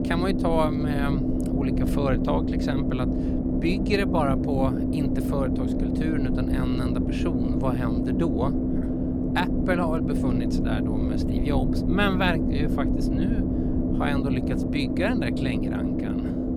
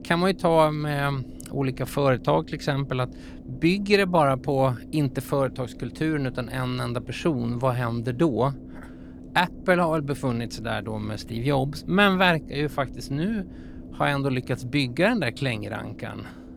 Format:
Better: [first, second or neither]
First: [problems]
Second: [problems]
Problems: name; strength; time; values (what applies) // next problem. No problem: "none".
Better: second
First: low rumble; loud; throughout; 1 dB below the speech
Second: low rumble; faint; throughout; 20 dB below the speech